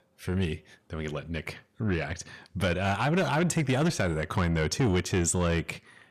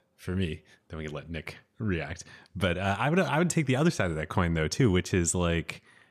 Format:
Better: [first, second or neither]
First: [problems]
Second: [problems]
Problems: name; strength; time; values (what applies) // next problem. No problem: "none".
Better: second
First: distortion; slight; 10 dB below the speech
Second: none